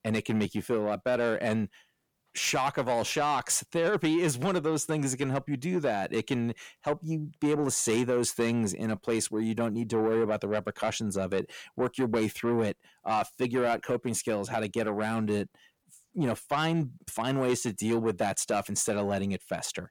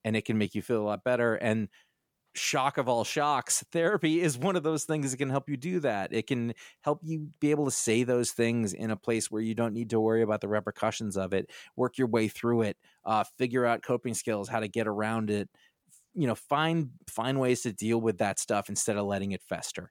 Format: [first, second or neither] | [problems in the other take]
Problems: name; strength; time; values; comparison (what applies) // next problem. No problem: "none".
second | distortion; slight; 10 dB below the speech